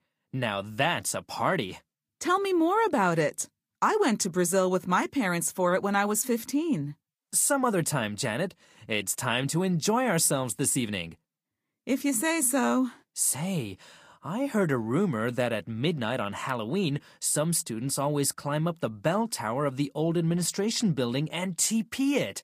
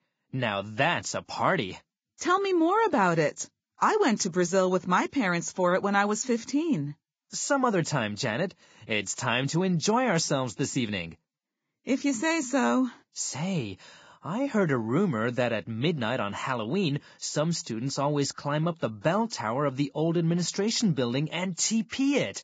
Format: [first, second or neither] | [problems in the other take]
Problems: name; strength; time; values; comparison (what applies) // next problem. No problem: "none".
first | garbled, watery; badly; nothing above 7.5 kHz; slightly in the first